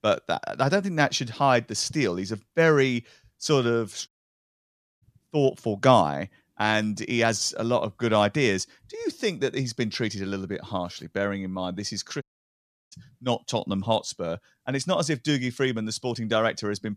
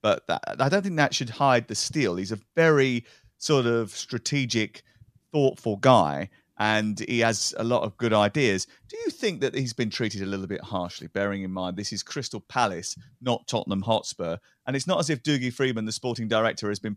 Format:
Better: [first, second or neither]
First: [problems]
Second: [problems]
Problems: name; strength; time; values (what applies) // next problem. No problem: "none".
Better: second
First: audio cutting out; at 4 s for 1 s and at 12 s for 0.5 s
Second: none